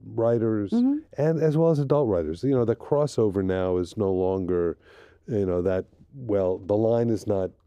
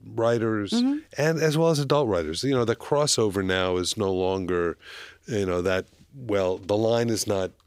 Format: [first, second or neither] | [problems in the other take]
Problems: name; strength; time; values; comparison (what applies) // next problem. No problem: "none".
second | muffled; very; fading above 1.5 kHz